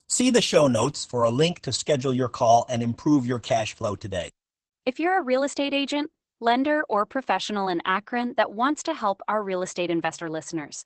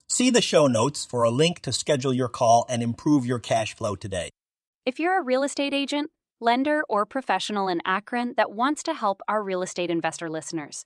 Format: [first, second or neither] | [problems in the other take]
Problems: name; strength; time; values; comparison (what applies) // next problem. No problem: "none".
second | garbled, watery; badly